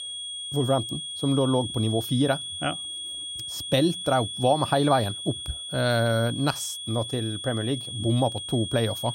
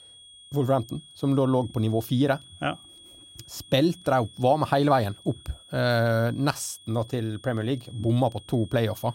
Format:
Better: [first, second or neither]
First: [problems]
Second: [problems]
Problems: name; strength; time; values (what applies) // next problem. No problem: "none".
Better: second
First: high-pitched whine; loud; throughout; 3.5 kHz, 6 dB below the speech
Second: high-pitched whine; faint; throughout; 3.5 kHz, 20 dB below the speech